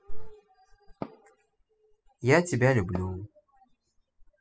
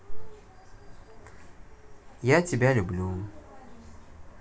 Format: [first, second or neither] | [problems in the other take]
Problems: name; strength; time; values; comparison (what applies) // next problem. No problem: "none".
second | noise reduction (classical method spectral subtraction)